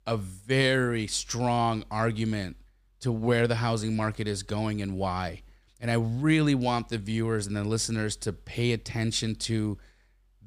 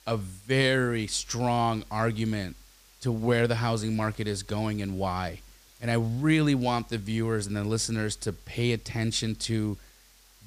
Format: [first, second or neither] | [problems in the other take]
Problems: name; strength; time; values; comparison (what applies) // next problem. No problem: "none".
first | hiss; faint; throughout; 25 dB below the speech